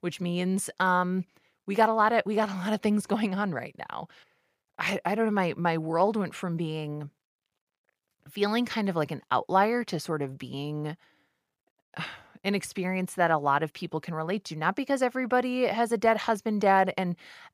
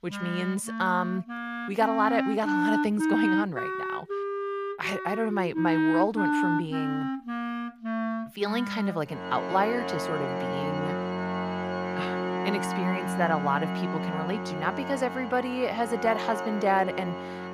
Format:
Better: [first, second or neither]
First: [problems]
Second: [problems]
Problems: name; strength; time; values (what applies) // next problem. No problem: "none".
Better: first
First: none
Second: background music; loud; throughout; 1 dB below the speech